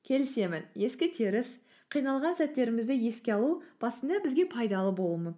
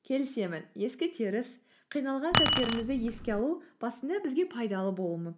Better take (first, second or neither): first